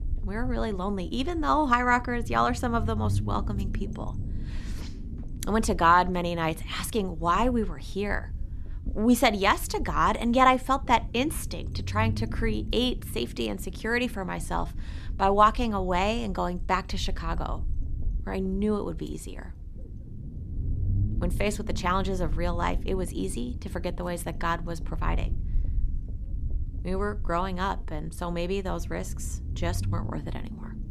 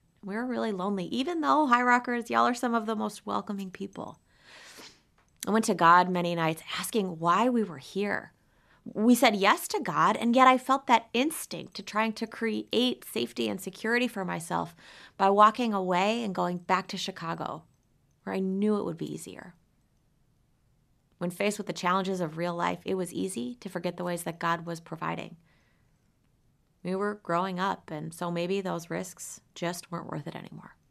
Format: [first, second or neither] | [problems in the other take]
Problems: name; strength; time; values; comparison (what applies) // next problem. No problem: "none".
second | low rumble; faint; throughout; 25 dB below the speech